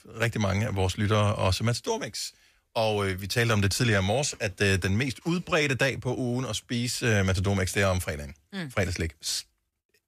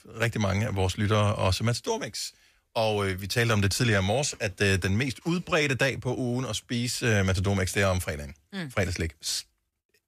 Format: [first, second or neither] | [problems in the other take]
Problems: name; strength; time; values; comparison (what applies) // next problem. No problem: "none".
neither | none